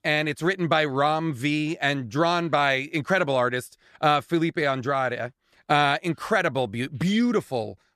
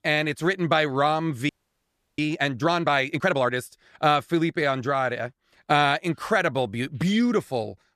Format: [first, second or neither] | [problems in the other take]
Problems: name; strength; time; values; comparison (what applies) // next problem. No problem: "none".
first | audio freezing; at 1.5 s for 0.5 s